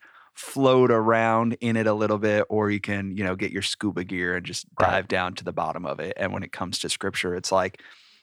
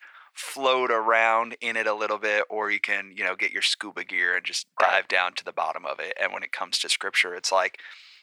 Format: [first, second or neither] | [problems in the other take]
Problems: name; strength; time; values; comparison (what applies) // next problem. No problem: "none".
first | thin; very; fading below 700 Hz